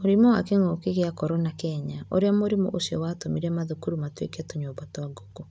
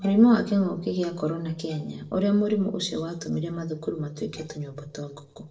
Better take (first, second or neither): first